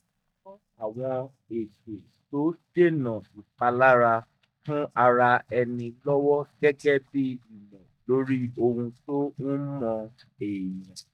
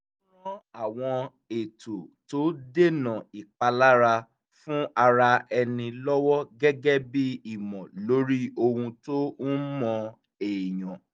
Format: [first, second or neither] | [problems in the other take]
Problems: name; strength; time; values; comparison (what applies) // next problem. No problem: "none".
second | noise reduction (neural mask model DeepFilterNet 3)